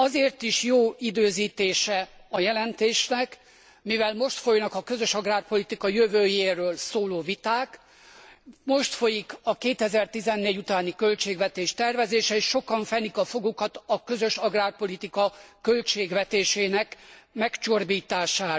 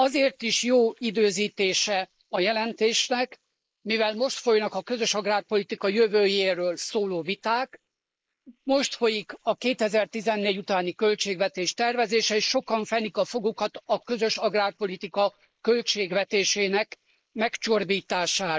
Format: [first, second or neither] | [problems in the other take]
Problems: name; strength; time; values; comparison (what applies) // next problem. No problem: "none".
first | noise reduction (neural mask model Resemble Enhance denoiser)